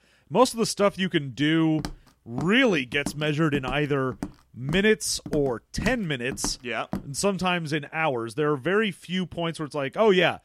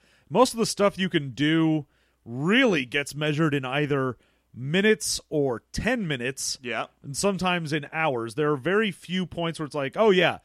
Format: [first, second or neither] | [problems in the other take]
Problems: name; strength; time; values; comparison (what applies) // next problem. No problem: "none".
second | footsteps; faint; from 2 to 7 s; peak 10 dB below the speech